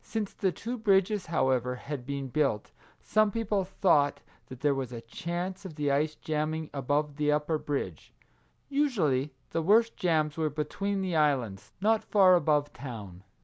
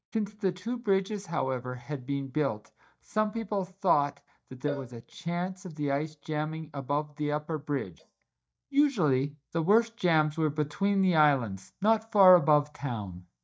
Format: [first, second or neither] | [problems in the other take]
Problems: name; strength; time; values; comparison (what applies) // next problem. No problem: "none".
first | noise reduction (neural mask model DeepFilterNet 3)